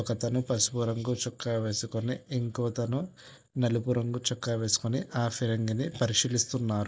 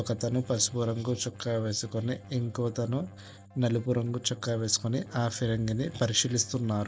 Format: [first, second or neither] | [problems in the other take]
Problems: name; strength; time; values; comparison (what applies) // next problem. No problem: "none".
first | background sound (Keyboard (musical)); 19 dB below the speech